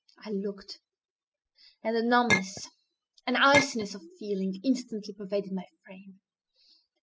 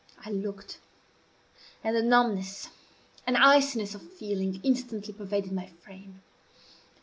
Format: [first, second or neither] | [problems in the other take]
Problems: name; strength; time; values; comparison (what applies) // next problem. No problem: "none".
second | noise reduction (classical method spectral subtraction)